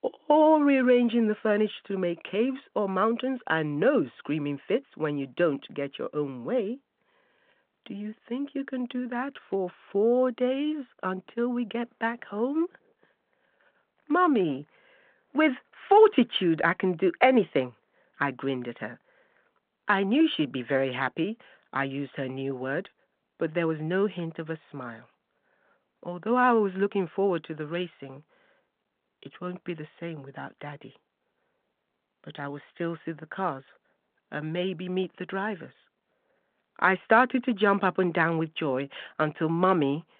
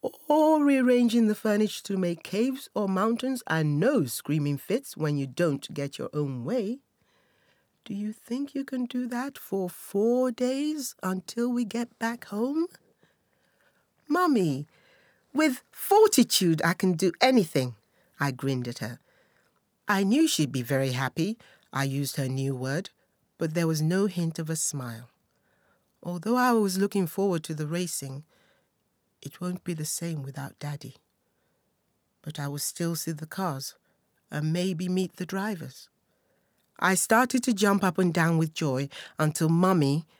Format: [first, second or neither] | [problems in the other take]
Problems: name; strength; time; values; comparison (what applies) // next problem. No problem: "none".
second | phone-call audio